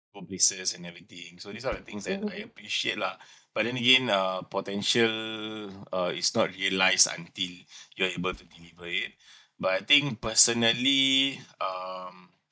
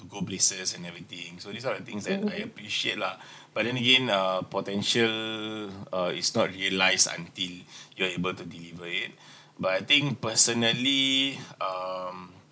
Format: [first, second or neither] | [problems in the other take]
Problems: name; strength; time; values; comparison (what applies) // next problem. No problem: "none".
second | noise reduction (neural mask model DeepFilterNet 3)